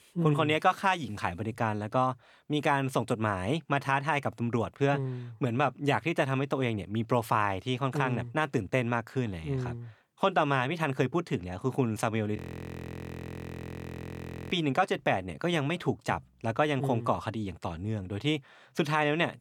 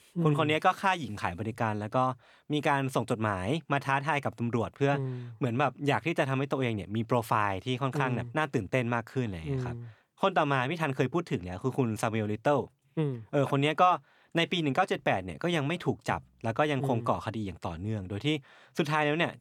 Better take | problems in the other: second | audio freezing; at 12 s for 2 s

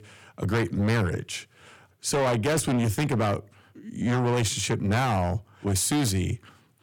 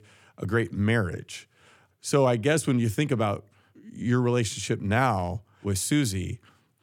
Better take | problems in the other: second | distortion; heavy; 6 dB below the speech

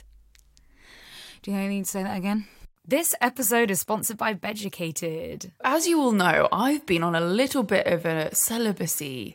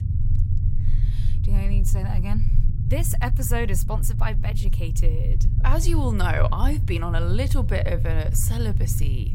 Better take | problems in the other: first | low rumble; loud; throughout; 9 dB below the speech

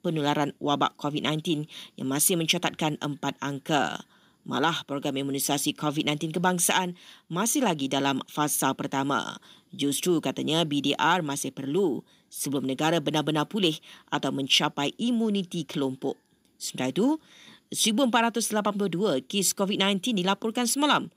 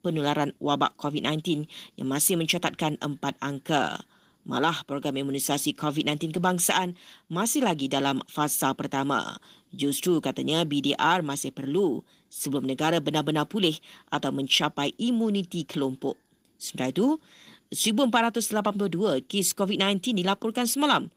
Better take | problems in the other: first | garbled, watery; slightly; nothing above 15.5 kHz

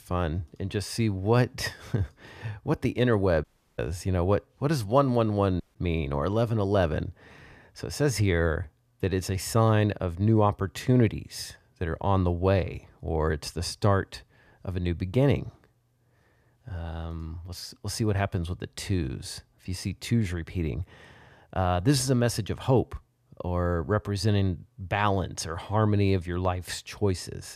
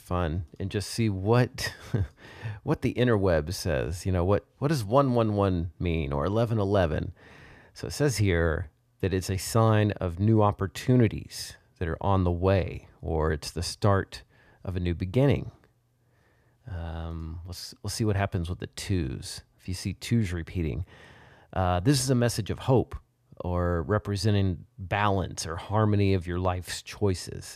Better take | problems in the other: second | audio cutting out; at 3.5 s and at 5.5 s

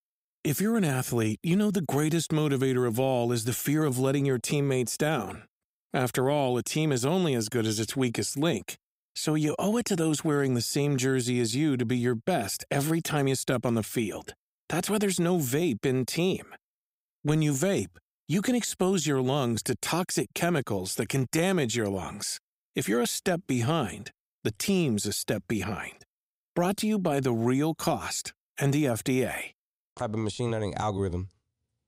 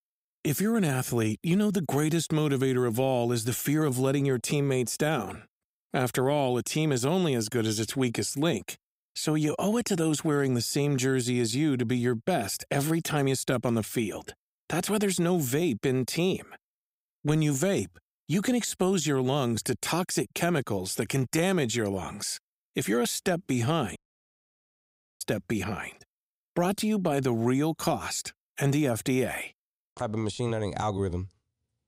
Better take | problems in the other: first | audio cutting out; at 24 s for 1 s

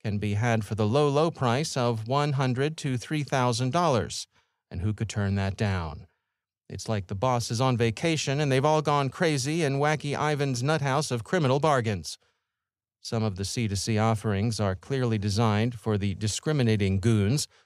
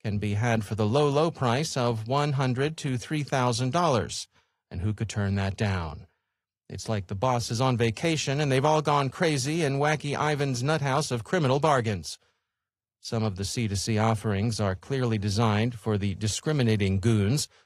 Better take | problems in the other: first | garbled, watery; slightly

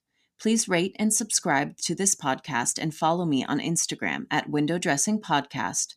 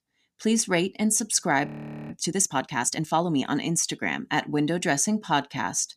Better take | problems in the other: first | audio freezing; at 1.5 s

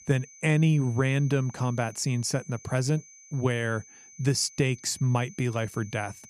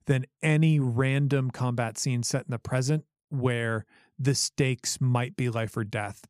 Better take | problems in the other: second | high-pitched whine; faint; throughout; 6 kHz, 20 dB below the speech

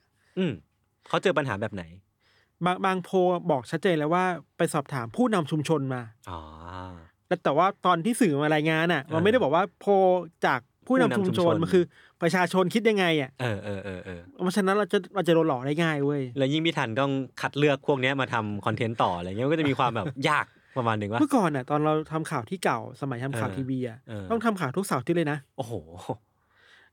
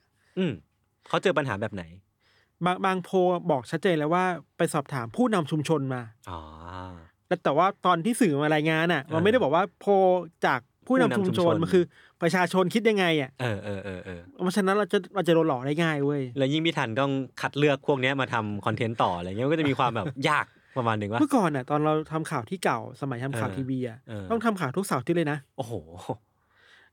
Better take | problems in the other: neither | none

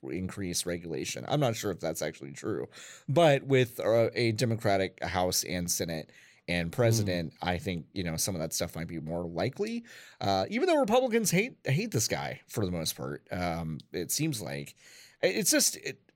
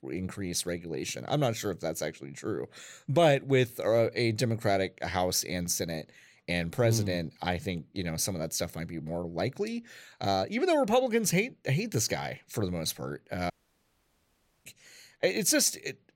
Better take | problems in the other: first | audio cutting out; at 14 s for 1 s

